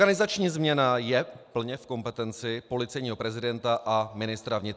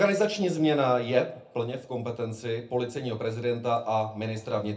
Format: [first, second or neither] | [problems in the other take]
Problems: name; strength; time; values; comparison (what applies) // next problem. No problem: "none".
first | room echo; dies away in 0.3 s